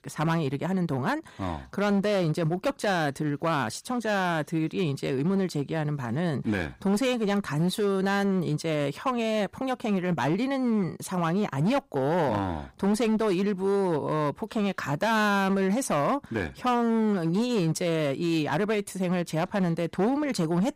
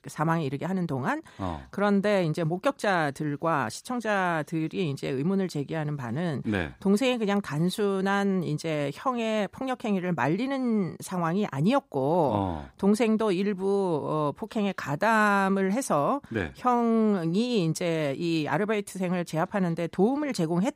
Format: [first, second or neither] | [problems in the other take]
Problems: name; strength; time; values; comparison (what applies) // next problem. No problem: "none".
second | distortion; slight; 10% of the sound clipped